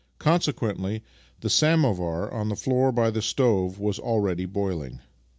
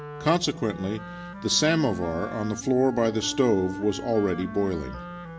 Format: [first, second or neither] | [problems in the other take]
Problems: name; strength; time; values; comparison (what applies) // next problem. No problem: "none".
first | background sound (Wind instrument, woodwind instrument); 12 dB below the speech // room echo; dies away in 0.4 s